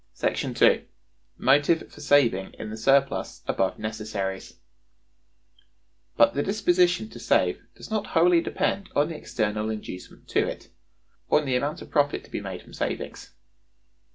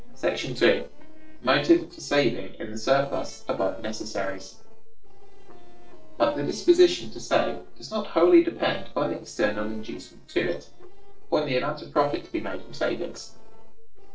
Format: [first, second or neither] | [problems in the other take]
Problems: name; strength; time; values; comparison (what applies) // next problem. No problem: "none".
first | noise reduction (neural separator model SepFormer DNS4)